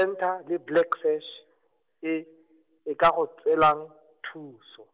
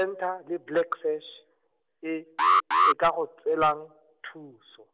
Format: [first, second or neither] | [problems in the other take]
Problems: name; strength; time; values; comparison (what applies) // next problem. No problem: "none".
first | background sound (Alarm); 5 dB above the speech